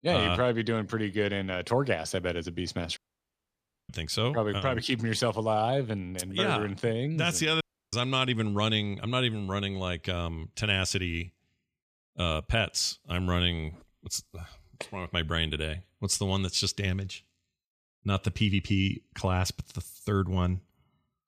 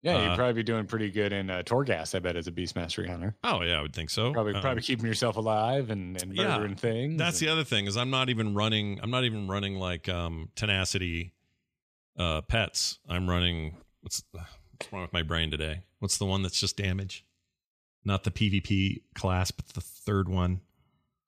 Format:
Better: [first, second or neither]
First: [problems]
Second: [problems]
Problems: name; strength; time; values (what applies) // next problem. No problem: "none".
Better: second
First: audio cutting out; at 3 s for 1 s and at 7.5 s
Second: none